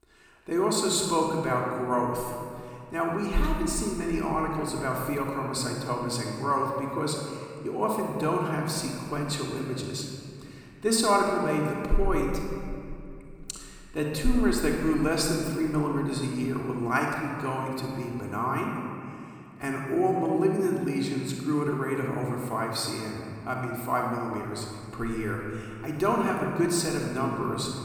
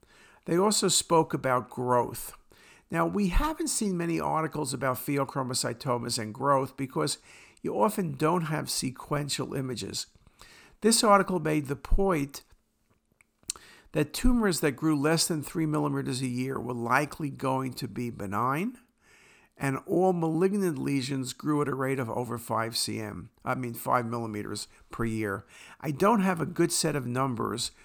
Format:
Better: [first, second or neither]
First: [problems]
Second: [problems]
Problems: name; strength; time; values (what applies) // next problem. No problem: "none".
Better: second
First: room echo; noticeable; dies away in 2.1 s // off-mic speech; far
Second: none